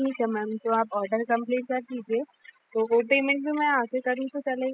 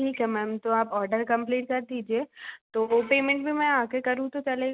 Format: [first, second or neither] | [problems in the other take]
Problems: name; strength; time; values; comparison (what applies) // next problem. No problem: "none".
second | noise reduction (classical method spectral subtraction)